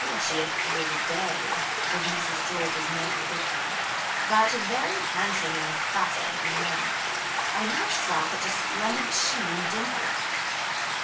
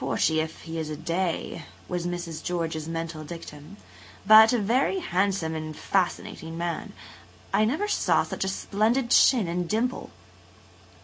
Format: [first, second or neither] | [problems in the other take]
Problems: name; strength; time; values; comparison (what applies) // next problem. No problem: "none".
second | background sound (Stream); 5 dB above the speech // room echo; dies away in 0.2 s